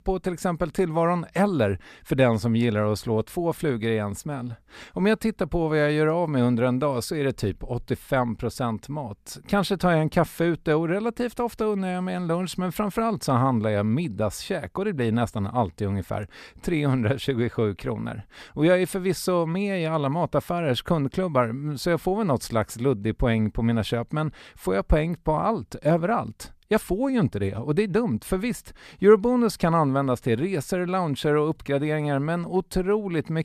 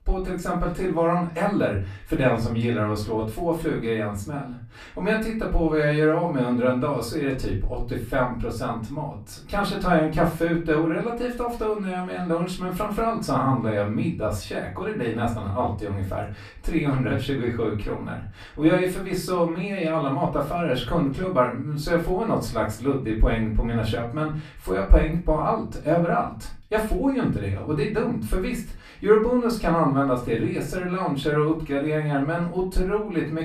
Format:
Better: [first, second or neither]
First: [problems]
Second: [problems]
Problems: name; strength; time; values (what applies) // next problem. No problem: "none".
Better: first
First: none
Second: off-mic speech; far // room echo; slight; dies away in 0.3 s